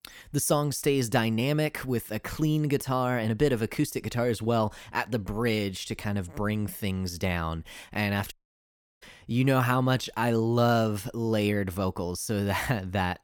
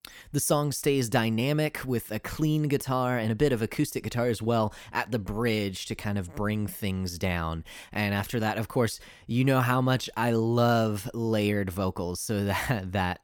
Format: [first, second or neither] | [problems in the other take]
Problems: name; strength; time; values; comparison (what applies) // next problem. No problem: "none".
second | audio cutting out; at 8.5 s for 0.5 s